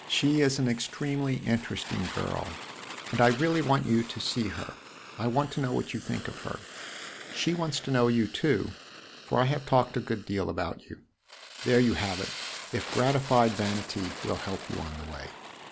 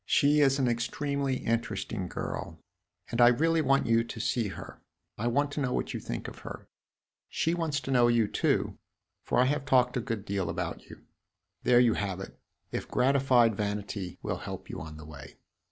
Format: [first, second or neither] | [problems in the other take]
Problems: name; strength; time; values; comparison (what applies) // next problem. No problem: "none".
second | background sound (Fire); 13 dB below the speech